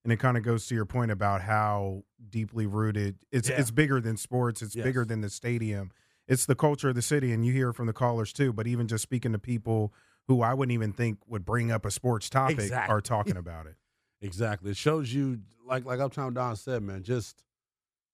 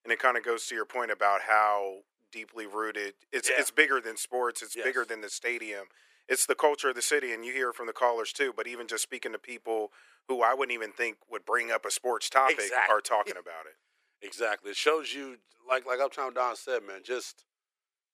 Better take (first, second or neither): first